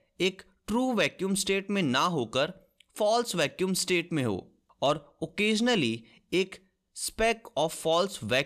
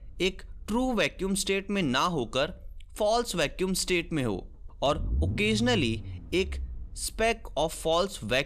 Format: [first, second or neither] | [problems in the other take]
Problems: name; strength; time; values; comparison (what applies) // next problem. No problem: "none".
first | low rumble; faint; throughout; 20 dB below the speech